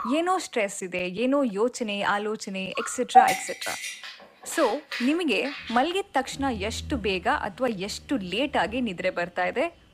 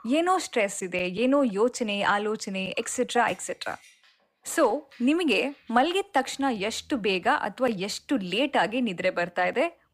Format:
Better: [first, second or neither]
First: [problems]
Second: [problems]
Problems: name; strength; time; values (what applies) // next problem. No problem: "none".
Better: second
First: animal sounds; loud; throughout; 2 dB below the speech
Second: animal sounds; faint; throughout; 20 dB below the speech